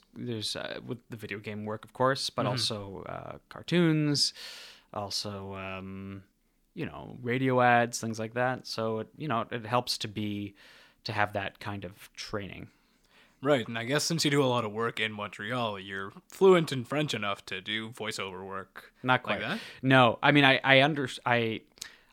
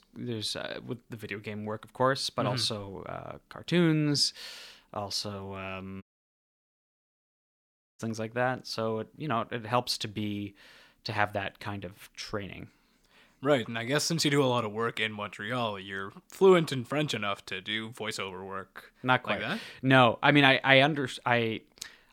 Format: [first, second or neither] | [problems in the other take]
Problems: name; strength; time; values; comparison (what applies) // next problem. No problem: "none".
first | audio cutting out; at 6 s for 2 s